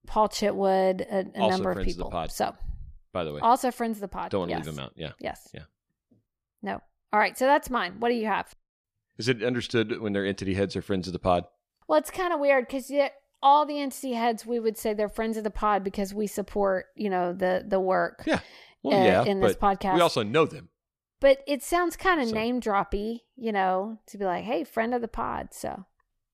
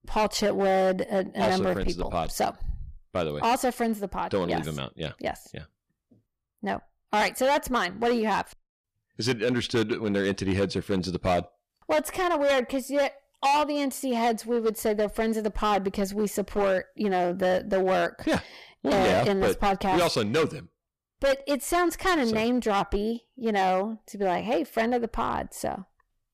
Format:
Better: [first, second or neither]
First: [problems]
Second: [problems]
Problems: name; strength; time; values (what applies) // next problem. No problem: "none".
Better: first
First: none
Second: distortion; heavy; 10% of the sound clipped